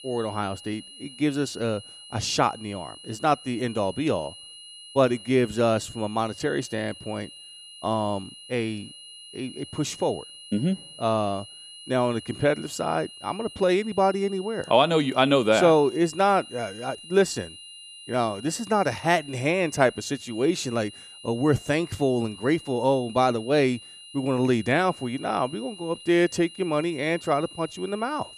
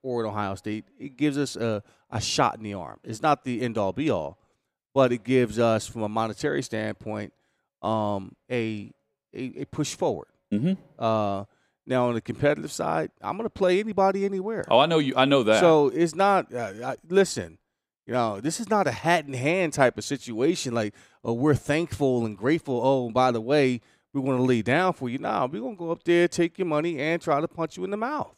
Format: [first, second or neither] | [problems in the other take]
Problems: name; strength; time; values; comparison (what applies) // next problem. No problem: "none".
second | high-pitched whine; noticeable; throughout; 3 kHz, 15 dB below the speech